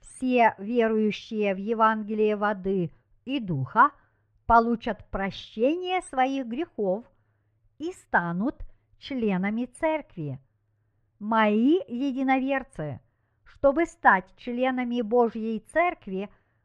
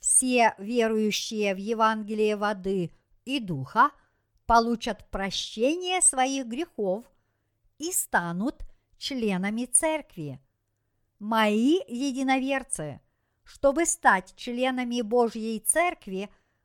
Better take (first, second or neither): second